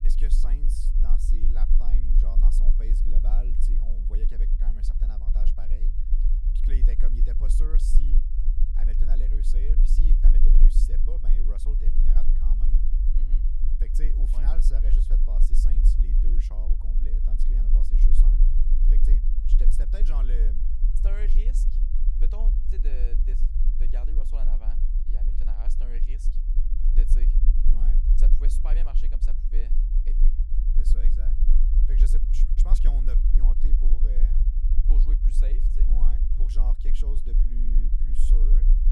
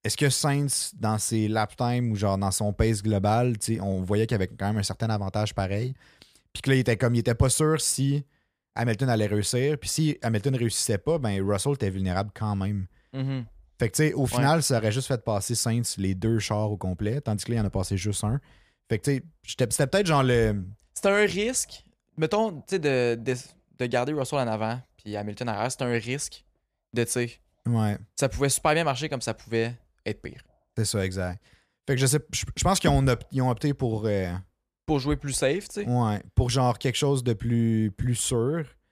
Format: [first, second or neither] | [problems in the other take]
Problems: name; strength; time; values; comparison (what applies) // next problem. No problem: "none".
second | low rumble; loud; throughout; 2 dB below the speech